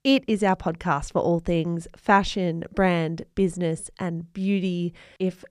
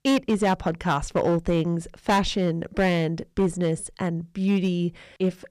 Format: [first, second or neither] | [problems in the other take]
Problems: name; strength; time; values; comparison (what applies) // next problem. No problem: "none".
first | distortion; slight; 6% of the sound clipped